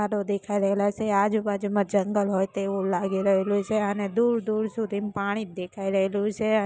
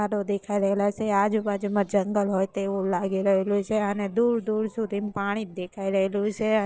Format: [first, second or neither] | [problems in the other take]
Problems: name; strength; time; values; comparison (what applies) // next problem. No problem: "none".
first | noise reduction (neural separator model SepFormer DNS4)